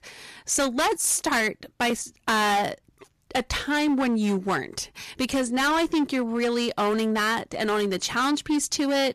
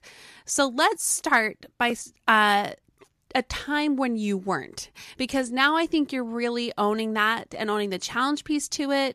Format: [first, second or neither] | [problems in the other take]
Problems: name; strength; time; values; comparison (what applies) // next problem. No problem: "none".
second | distortion; heavy; 16% of the sound clipped